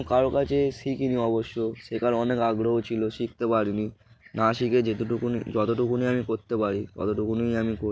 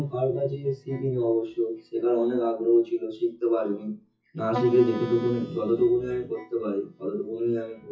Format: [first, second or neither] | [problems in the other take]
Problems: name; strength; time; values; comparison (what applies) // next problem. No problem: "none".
first | noise reduction (classical method WPE with log-MMSE)